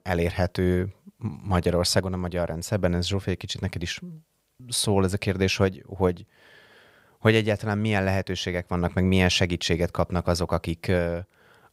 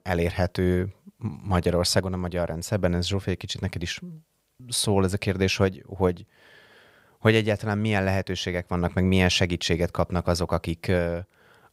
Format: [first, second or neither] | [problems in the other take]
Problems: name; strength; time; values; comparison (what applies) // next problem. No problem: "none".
neither | none